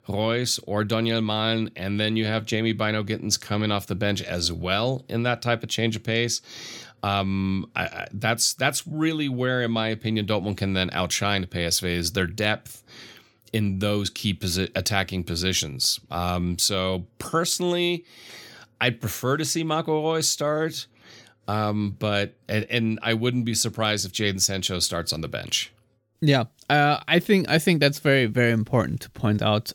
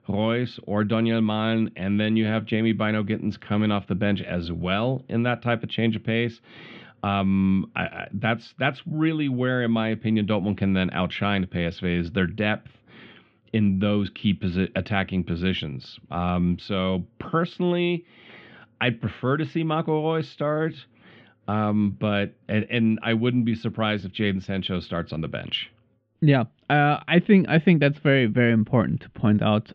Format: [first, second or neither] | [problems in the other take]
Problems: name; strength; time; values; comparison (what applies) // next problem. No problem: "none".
first | muffled; very; fading above 3 kHz